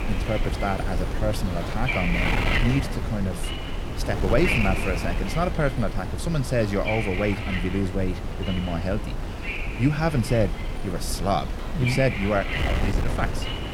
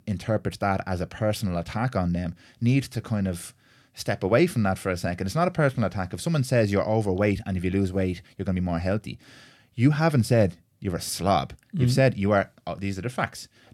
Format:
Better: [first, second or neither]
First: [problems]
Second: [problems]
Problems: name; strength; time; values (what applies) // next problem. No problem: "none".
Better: second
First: wind noise on the microphone; heavy; 2 dB below the speech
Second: none